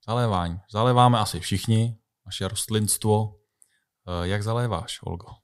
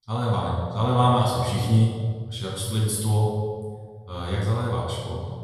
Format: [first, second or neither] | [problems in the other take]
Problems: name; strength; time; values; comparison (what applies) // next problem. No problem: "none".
first | off-mic speech; far // room echo; strong; dies away in 1.6 s